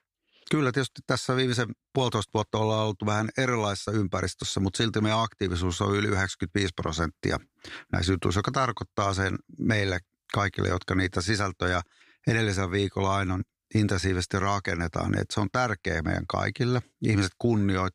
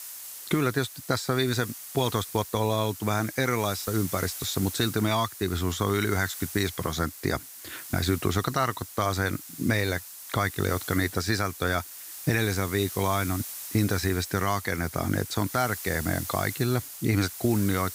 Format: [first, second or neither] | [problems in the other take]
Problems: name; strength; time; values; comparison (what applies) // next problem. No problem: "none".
first | hiss; loud; throughout; 10 dB below the speech